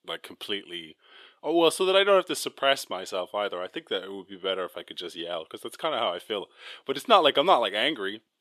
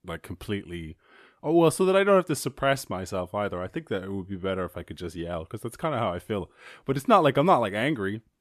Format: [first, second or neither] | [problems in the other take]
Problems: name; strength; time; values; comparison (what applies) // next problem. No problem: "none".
second | thin; somewhat; fading below 450 Hz